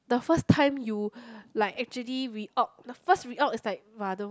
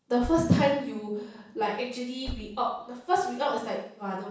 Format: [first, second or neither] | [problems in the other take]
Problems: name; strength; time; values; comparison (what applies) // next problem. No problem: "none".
first | background sound (Car); 16 dB below the speech // room echo; dies away in 0.7 s